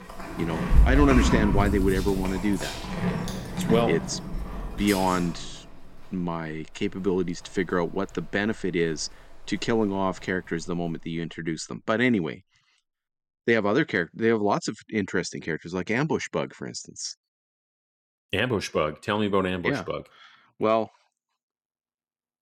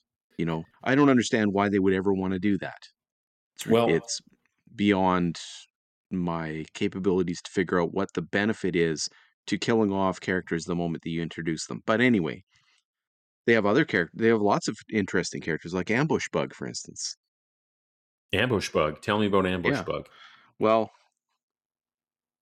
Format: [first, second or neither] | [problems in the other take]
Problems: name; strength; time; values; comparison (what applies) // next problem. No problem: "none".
second | animal sounds; loud; until 11 s; 2 dB below the speech